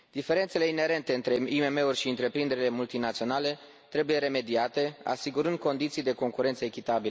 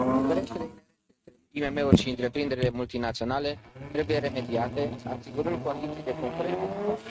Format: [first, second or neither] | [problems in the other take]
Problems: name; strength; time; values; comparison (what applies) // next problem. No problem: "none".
first | noise reduction (neural mask model RNNoise)